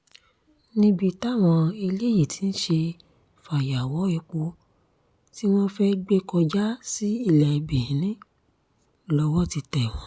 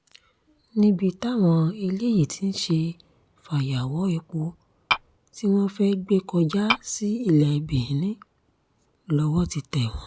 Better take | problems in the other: first | background sound (Tap / Glass); 2 dB below the speech

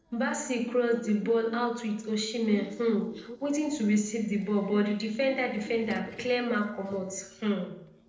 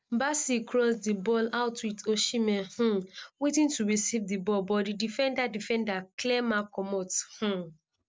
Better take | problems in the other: second | noise reduction (neural separator model SepFormer DNS4)

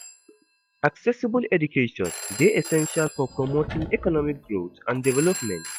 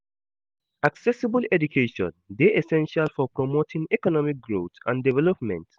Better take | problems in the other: second | noise reduction (classical method log-MMSE)

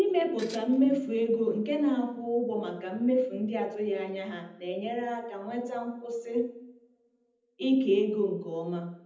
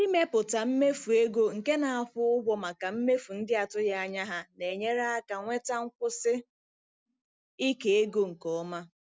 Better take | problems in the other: second | background sound (Tools); 17 dB below the speech // room echo; dies away in 0.8 s

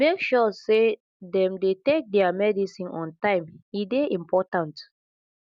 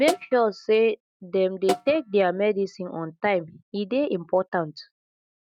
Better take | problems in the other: first | noise reduction (neural mask model RNNoise)

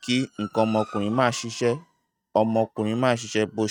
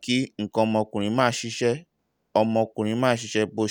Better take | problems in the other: second | noise reduction (neural mask model RNNoise)

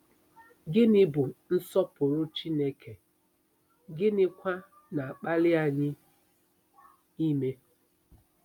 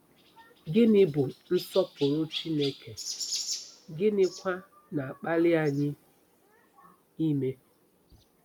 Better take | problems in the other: first | background sound (Chirp, tweet); 14 dB below the speech

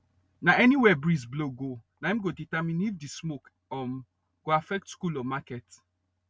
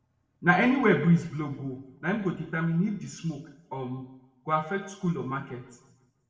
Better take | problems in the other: first | room echo; dies away in 0.8 s

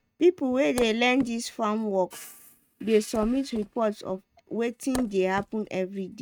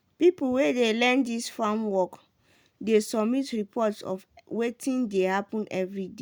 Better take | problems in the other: second | noise reduction (neural mask model RNNoise)

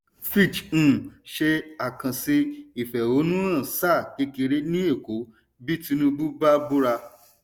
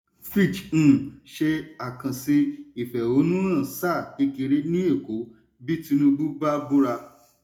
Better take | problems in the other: first | room echo; dies away in 0.3 s

